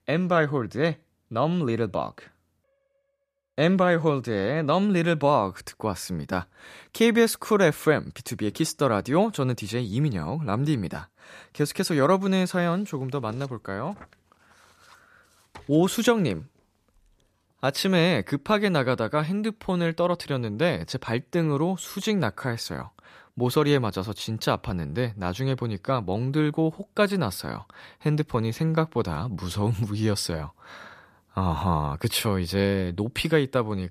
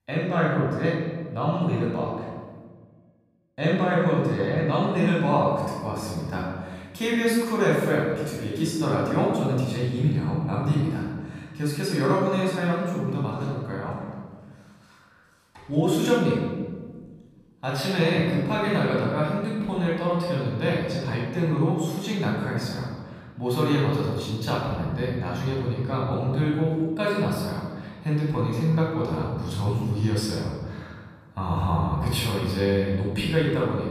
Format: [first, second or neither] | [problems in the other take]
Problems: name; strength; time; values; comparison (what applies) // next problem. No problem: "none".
first | off-mic speech; far // room echo; noticeable; dies away in 1.3 s